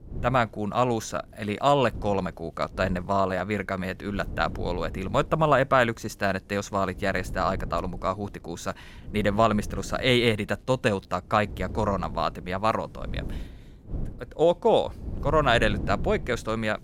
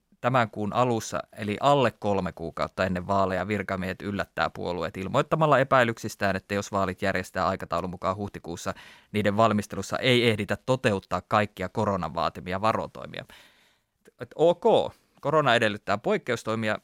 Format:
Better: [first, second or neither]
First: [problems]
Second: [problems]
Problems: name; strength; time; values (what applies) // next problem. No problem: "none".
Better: second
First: wind noise on the microphone; occasional gusts; 25 dB below the speech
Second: none